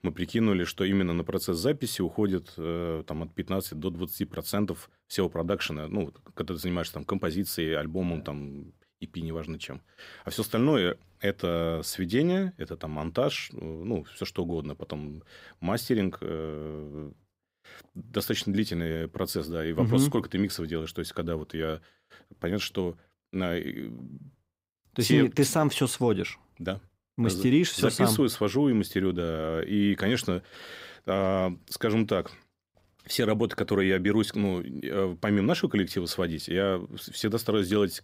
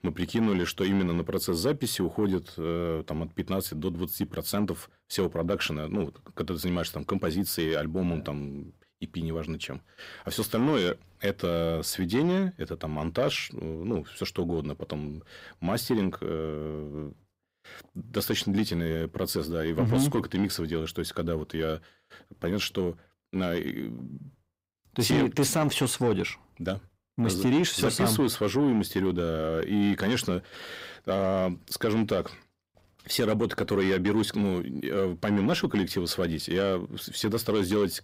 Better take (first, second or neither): first